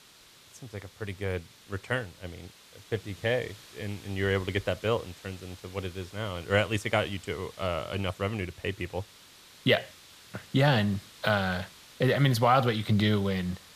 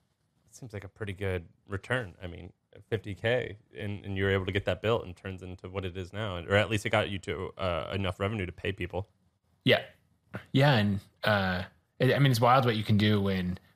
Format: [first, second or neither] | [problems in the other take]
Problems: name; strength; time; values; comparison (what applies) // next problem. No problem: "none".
second | hiss; faint; throughout; 20 dB below the speech